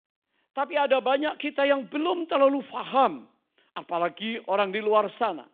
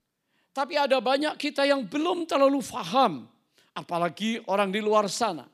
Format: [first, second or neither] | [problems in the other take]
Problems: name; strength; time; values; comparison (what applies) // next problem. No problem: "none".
second | phone-call audio